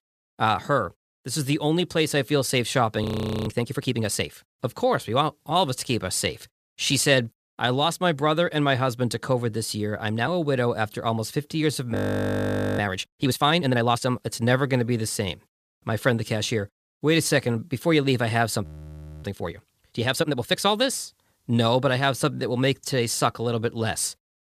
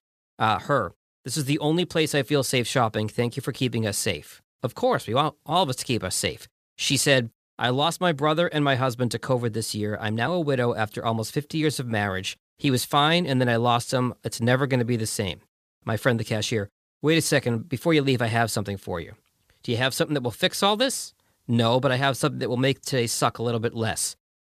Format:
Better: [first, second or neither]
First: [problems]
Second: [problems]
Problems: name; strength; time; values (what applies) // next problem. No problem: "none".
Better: second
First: audio freezing; at 3 s, at 12 s for 1 s and at 19 s for 0.5 s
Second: none